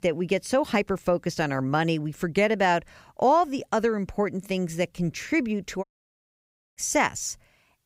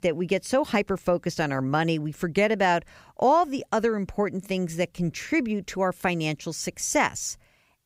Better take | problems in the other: second | audio cutting out; at 6 s for 1 s

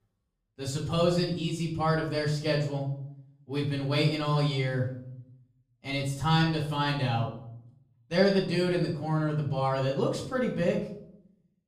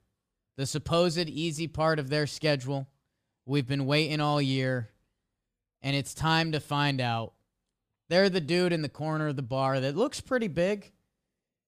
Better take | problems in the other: second | off-mic speech; far // room echo; slight; dies away in 0.7 s

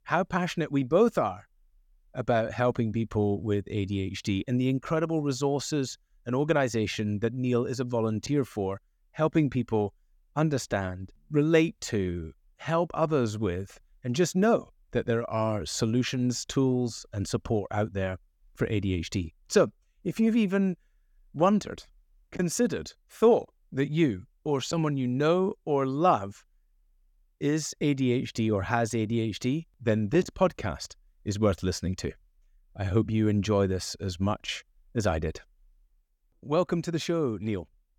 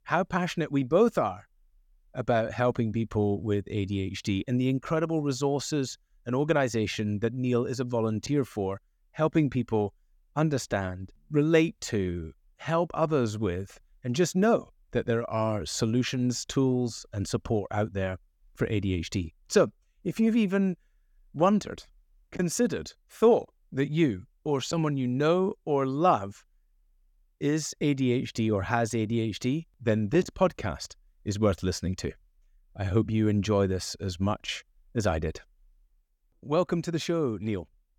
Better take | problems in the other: neither | none

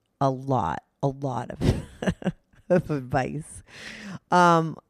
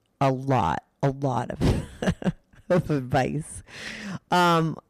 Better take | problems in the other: first | distortion; heavy; 6% of the sound clipped

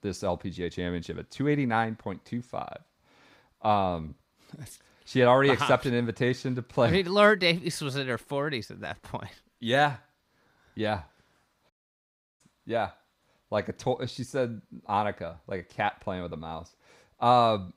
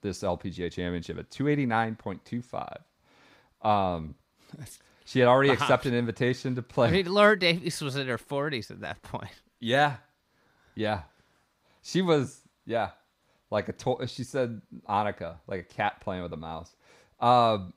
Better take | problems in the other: second | audio cutting out; at 12 s for 0.5 s

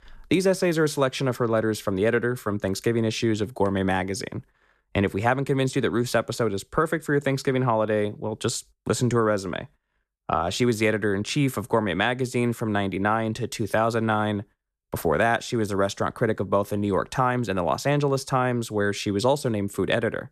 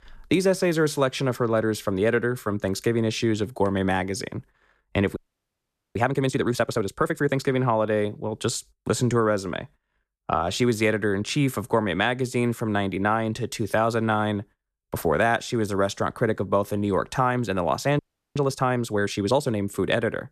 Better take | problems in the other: first | audio freezing; at 5 s for 1 s and at 18 s

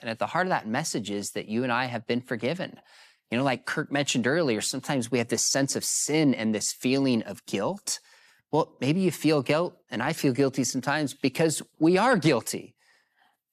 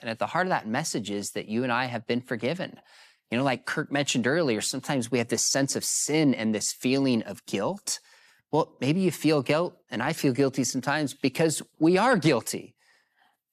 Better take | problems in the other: neither | none

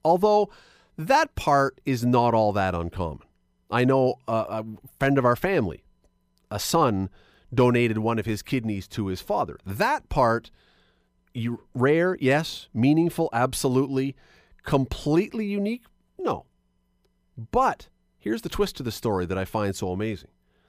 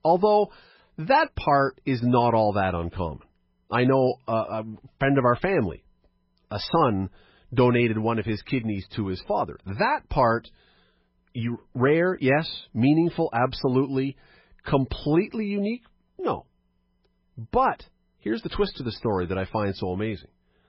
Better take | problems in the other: first | garbled, watery; badly; nothing above 5.5 kHz

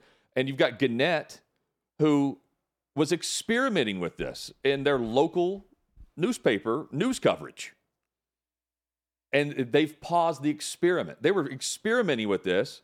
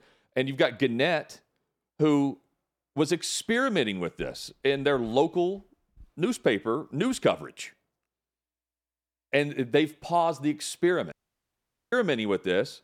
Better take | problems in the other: first | audio cutting out; at 11 s for 1 s

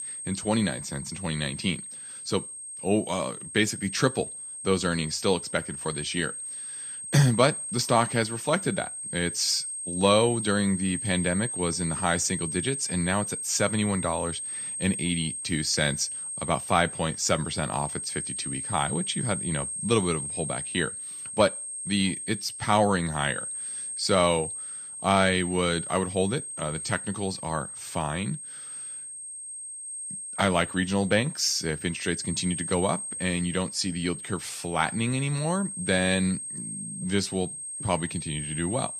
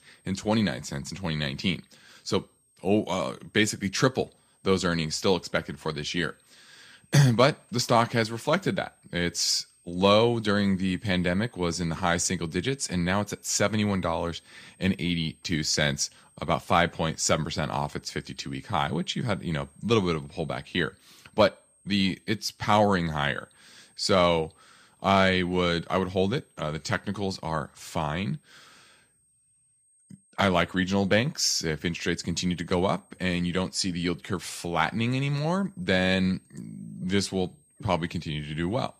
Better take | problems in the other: second | high-pitched whine; loud; throughout; 8.5 kHz, 6 dB below the speech; faint in the second

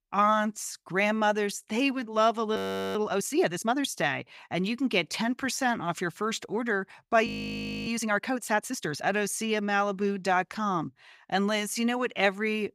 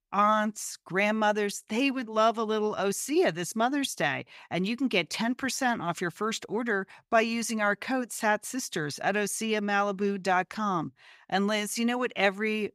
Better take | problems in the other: second | audio freezing; at 2.5 s and at 7.5 s for 0.5 s

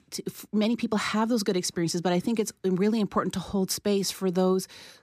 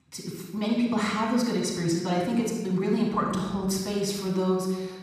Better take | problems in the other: first | room echo; noticeable; dies away in 1.1 s // off-mic speech; far

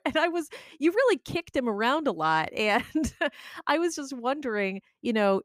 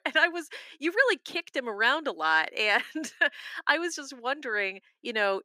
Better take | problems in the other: first | thin; somewhat; fading below 300 Hz

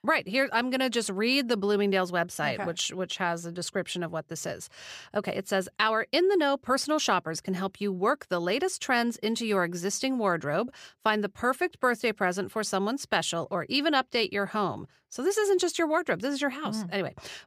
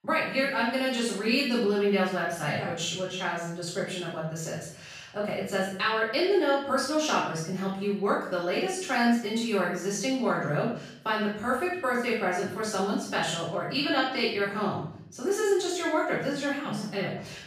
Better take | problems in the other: first | off-mic speech; far // room echo; noticeable; dies away in 0.6 s

